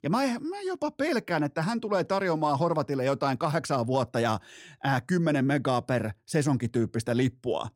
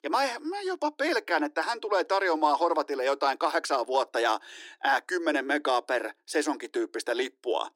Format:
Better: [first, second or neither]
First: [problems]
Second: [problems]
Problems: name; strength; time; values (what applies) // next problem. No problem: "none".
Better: first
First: none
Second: thin; somewhat; fading below 300 Hz